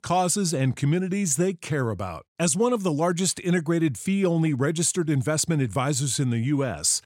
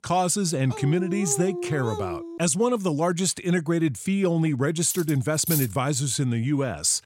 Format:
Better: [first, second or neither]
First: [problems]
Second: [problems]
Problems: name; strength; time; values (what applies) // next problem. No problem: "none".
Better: first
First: none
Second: dog barking; noticeable; from 0.5 to 2.5 s; peak 8 dB below the speech // clattering dishes; noticeable; at 5 s; peak 3 dB below the speech